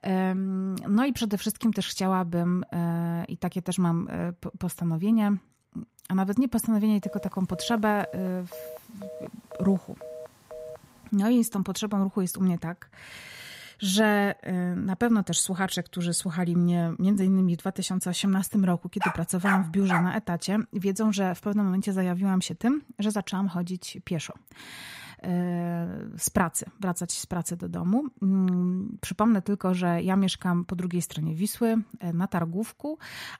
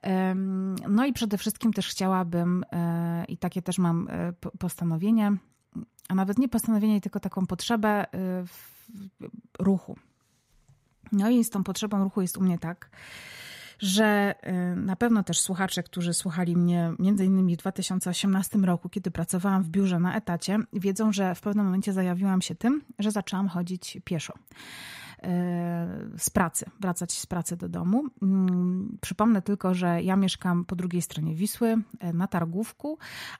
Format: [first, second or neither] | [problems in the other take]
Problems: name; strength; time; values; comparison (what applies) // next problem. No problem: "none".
second | phone ringing; faint; from 7 to 11 s; peak 15 dB below the speech // dog barking; noticeable; from 19 to 20 s; peak 2 dB below the speech